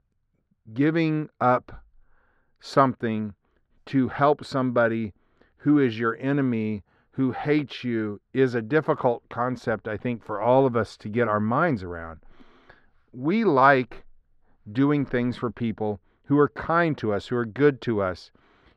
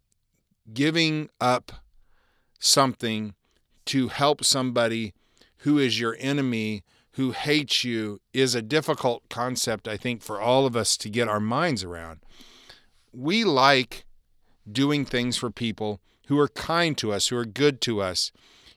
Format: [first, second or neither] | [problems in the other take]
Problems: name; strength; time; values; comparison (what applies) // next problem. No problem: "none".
second | muffled; very; fading above 3.5 kHz